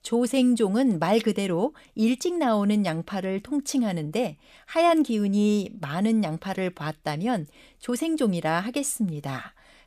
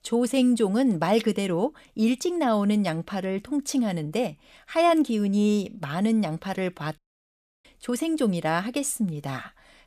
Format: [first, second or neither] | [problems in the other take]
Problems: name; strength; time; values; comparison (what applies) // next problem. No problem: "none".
first | audio cutting out; at 7 s for 0.5 s